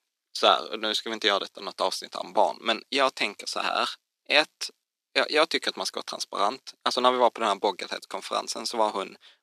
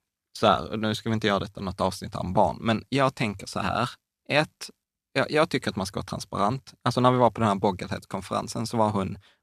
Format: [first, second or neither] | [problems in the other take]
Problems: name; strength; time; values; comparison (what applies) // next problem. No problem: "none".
second | thin; somewhat; fading below 300 Hz